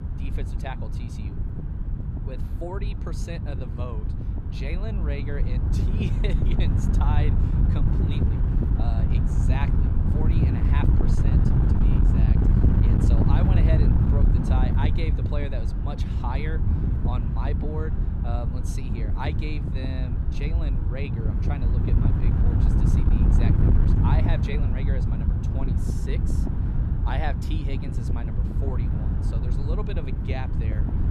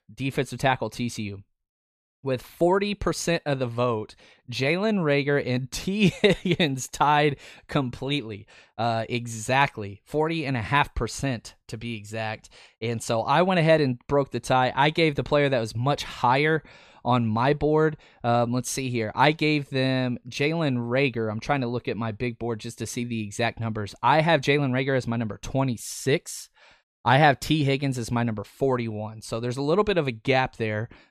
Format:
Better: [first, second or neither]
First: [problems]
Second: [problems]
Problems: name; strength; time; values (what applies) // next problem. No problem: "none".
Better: second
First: wind noise on the microphone; heavy; 1 dB above the speech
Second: none